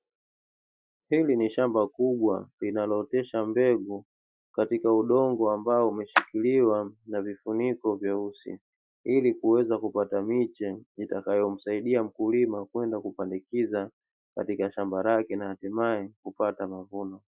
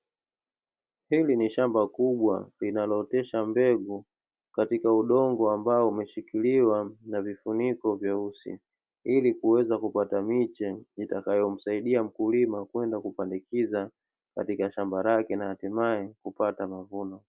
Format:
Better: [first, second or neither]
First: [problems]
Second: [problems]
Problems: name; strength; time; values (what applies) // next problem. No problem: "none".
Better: second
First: noise reduction (classical method Wiener filter)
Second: none